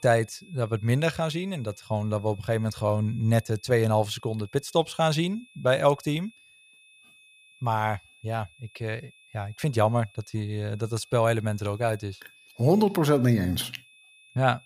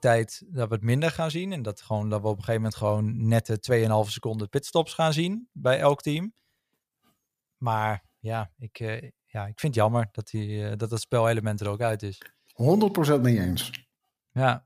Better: second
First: high-pitched whine; faint; throughout; 2.5 kHz, 25 dB below the speech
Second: none

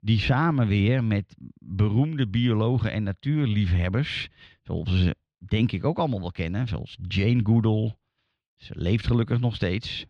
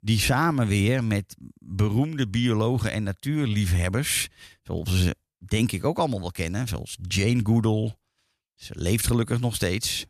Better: second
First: muffled; slightly; fading above 3.5 kHz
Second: none

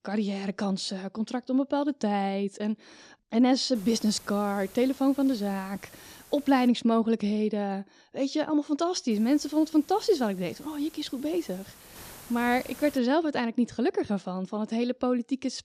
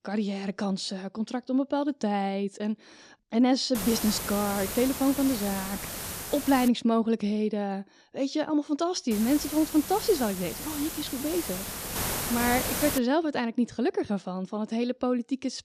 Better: first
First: hiss; faint; from 4 to 6.5 s and from 9 to 13 s; 20 dB below the speech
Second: hiss; loud; from 4 to 6.5 s and from 9 to 13 s; 5 dB below the speech

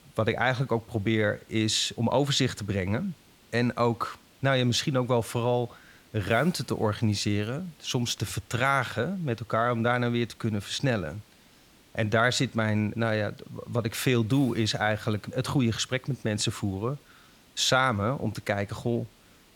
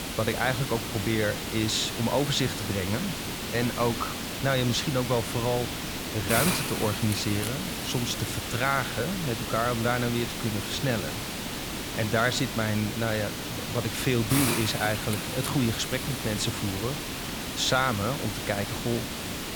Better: first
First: hiss; faint; throughout; 30 dB below the speech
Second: hiss; loud; throughout; 3 dB below the speech

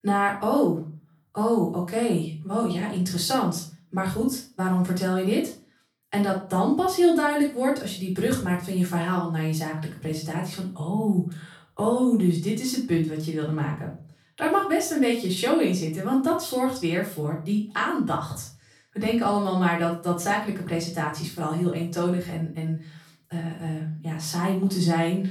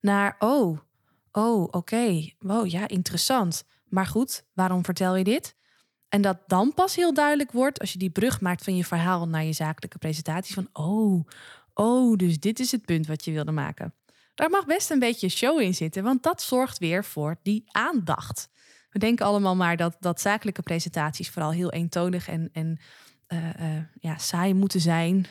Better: second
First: off-mic speech; far // room echo; slight; dies away in 0.3 s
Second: none

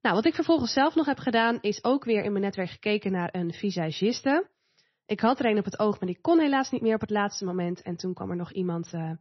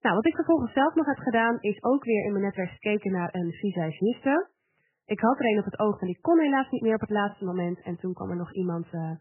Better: first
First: garbled, watery; slightly; nothing above 6 kHz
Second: garbled, watery; badly; nothing above 3 kHz

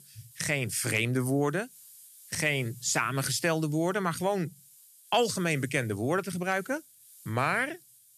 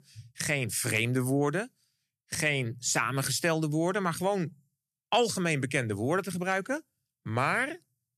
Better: second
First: hiss; faint; throughout; 25 dB below the speech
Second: none

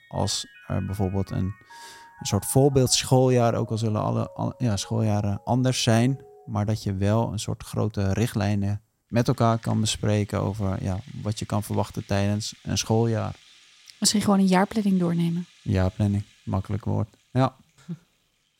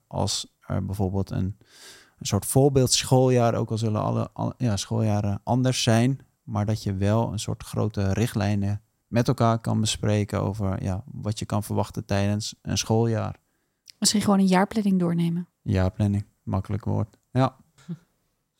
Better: second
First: background music; faint; throughout; 25 dB below the speech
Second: none

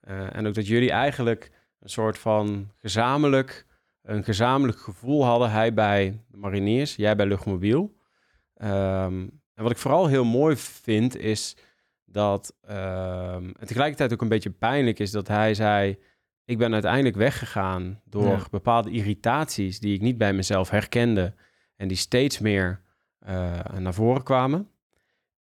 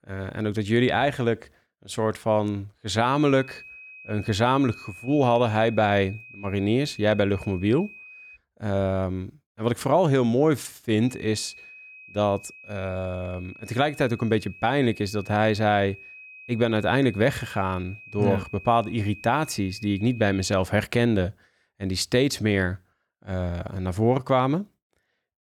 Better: first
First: none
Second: high-pitched whine; noticeable; from 3 to 8.5 s and from 11 to 21 s; 2.5 kHz, 20 dB below the speech

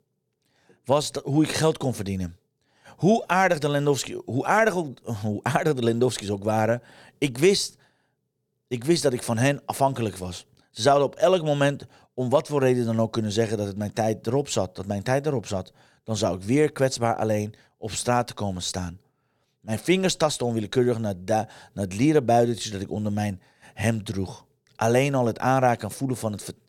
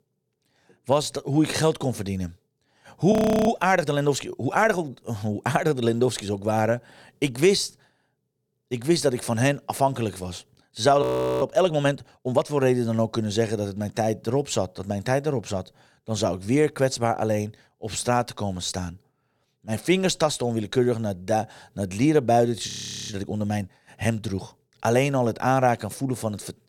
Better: first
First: none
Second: audio freezing; at 3 s, at 11 s and at 23 s

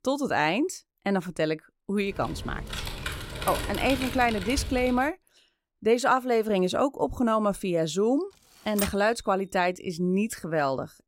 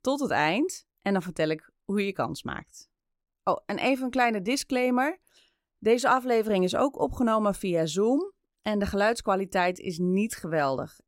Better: second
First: keyboard typing; noticeable; from 2 to 5 s and at 9 s; peak 5 dB below the speech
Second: none

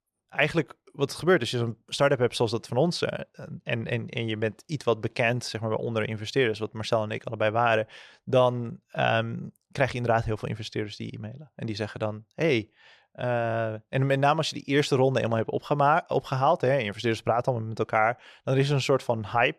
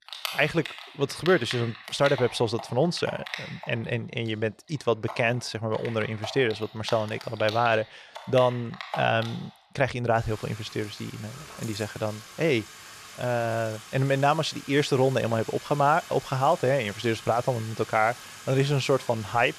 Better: first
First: none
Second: household noises; noticeable; throughout; 15 dB below the speech

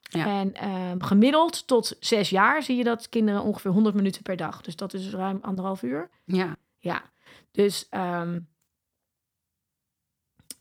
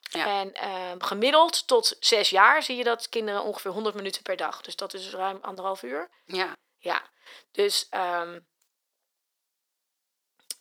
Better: first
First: none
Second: thin; very; fading below 450 Hz

